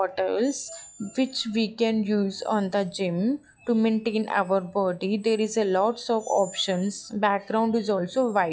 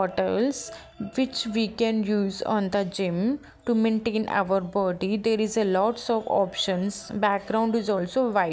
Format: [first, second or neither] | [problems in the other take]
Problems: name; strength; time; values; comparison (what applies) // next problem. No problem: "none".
second | noise reduction (classical method log-MMSE)